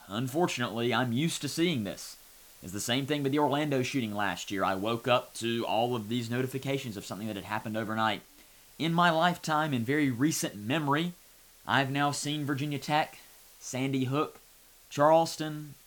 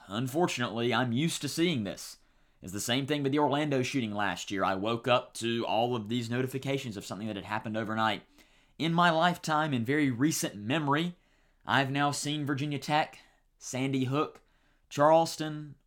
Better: second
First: hiss; faint; throughout; 25 dB below the speech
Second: none

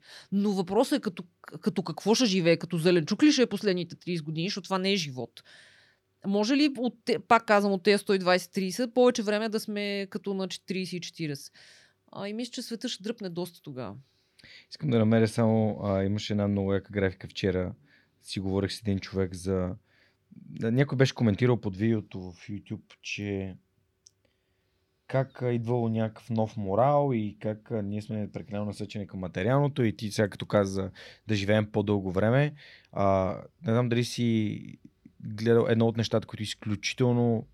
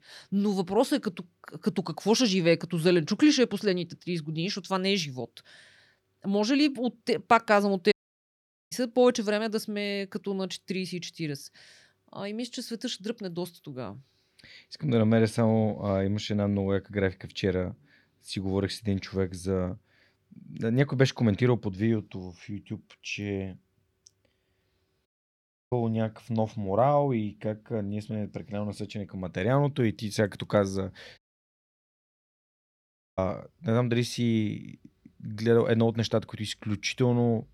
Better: first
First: none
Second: audio cutting out; at 8 s for 1 s, at 25 s for 0.5 s and at 31 s for 2 s

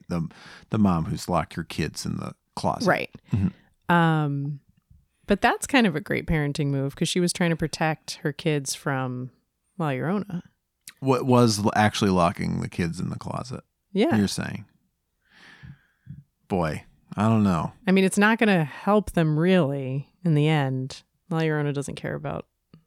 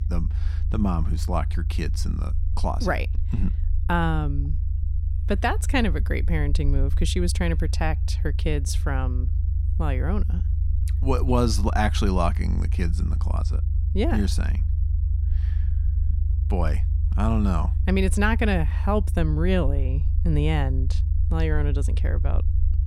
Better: first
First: none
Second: low rumble; noticeable; throughout; 15 dB below the speech

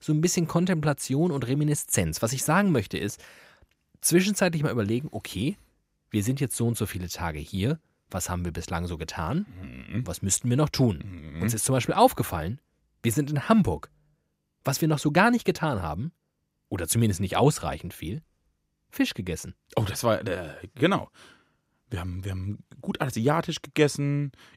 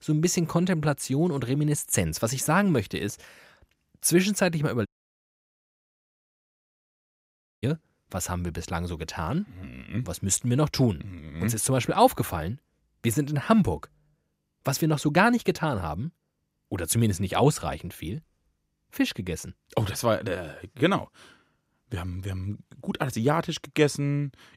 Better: first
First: none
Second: audio cutting out; at 5 s for 3 s

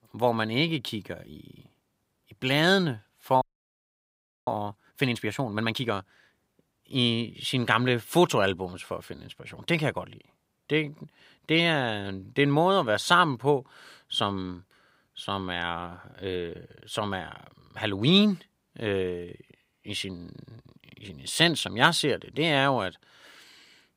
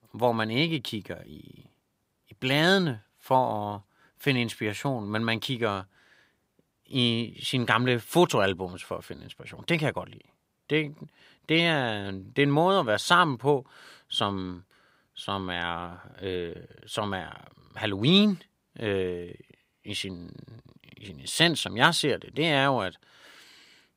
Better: second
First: audio freezing; at 3.5 s for 1 s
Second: none

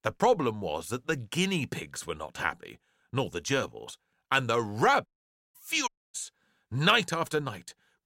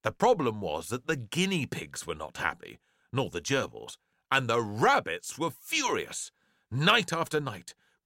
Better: second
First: audio cutting out; at 5 s and at 6 s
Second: none

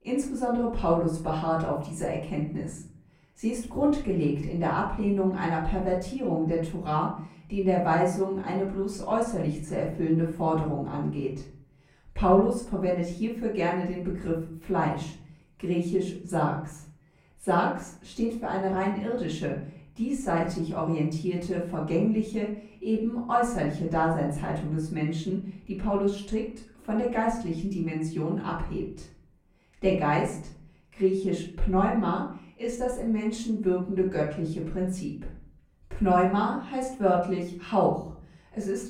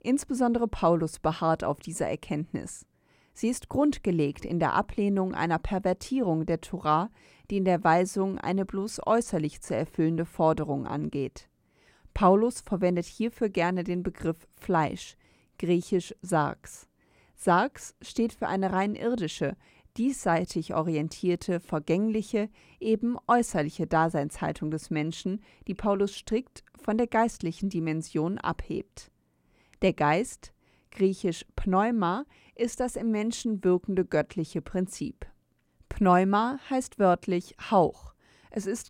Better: second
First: off-mic speech; far // room echo; noticeable; dies away in 0.6 s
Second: none

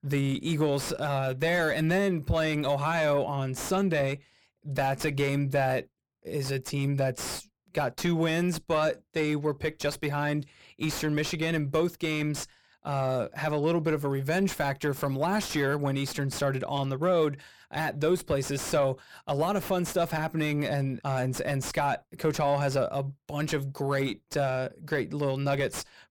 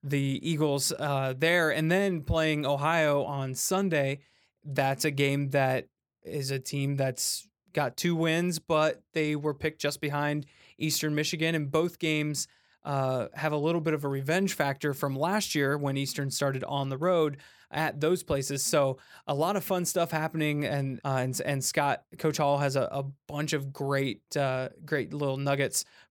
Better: second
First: distortion; slight; 9 dB below the speech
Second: none

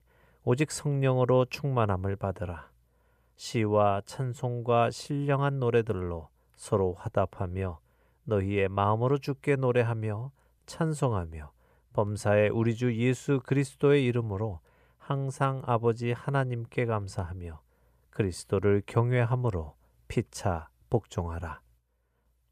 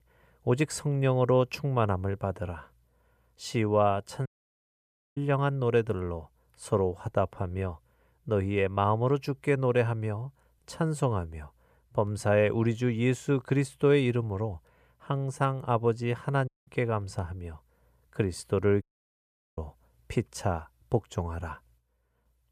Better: first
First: none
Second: audio cutting out; at 4.5 s for 1 s, at 16 s and at 19 s for 1 s

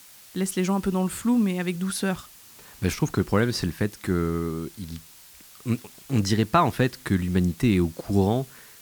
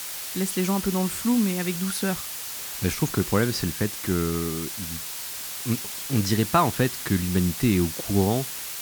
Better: first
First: hiss; faint; throughout; 20 dB below the speech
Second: hiss; loud; throughout; 6 dB below the speech

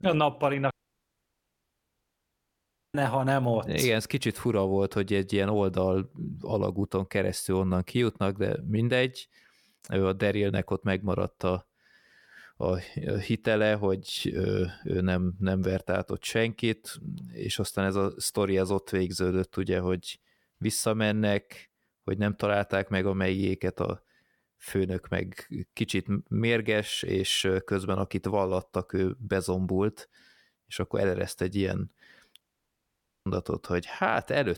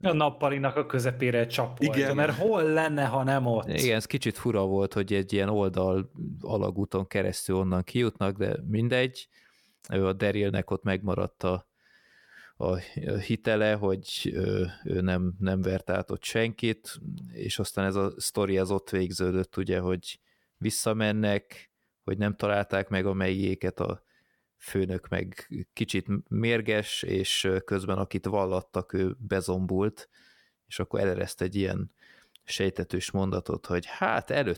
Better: second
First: audio cutting out; at 0.5 s for 2 s and at 32 s for 1 s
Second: none

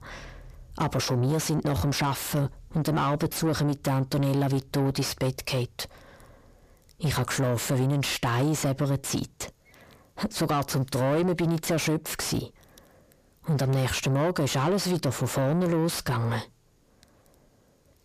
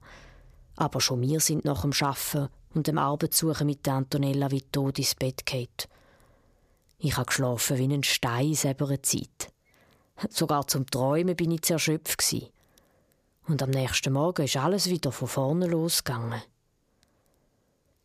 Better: second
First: distortion; heavy; 7 dB below the speech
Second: none

